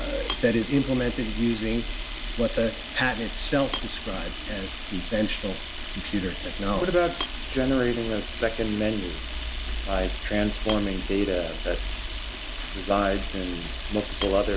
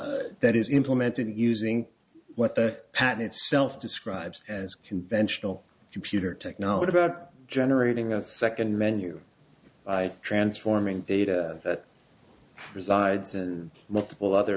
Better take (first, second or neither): second